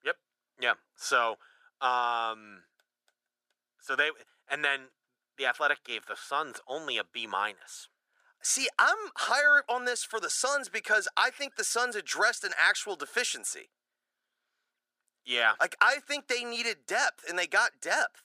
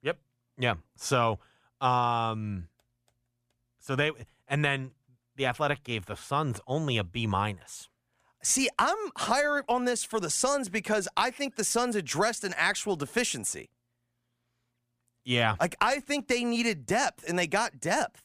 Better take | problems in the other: second | thin; very; fading below 400 Hz

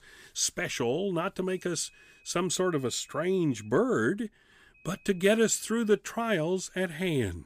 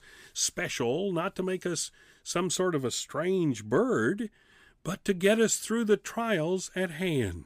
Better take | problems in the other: second | high-pitched whine; faint; from 1.5 to 3.5 s and from 4.5 to 6 s; 2.5 kHz, 30 dB below the speech

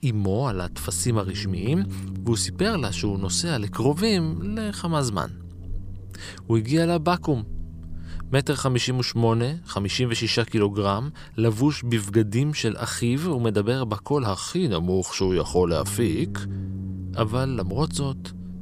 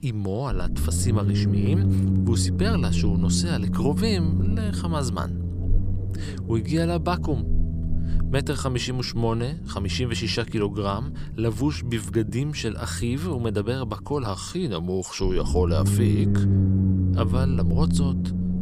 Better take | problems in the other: first | low rumble; loud; throughout; 6 dB below the speech; faint in the first

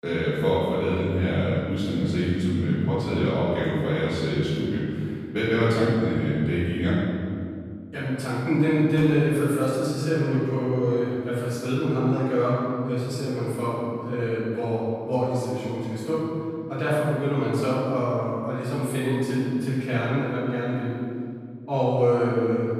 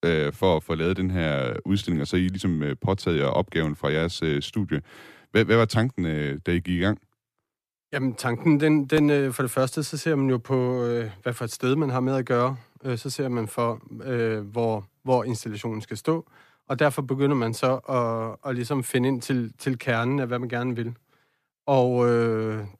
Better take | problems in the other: second | off-mic speech; far // room echo; strong; dies away in 2.2 s

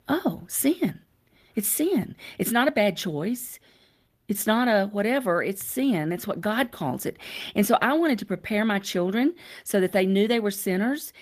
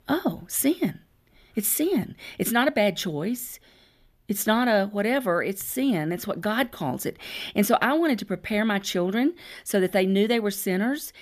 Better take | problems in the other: second | garbled, watery; slightly; nothing above 14.5 kHz

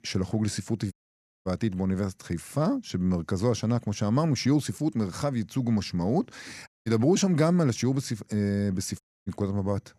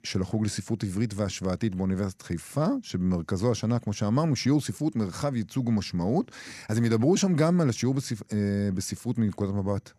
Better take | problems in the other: second | audio cutting out; at 1 s for 0.5 s, at 6.5 s and at 9 s

